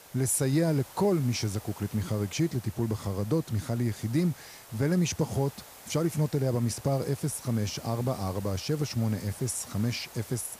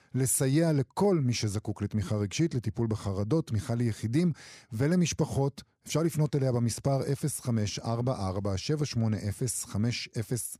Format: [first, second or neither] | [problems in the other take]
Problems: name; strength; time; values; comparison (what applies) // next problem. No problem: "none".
second | hiss; noticeable; throughout; 20 dB below the speech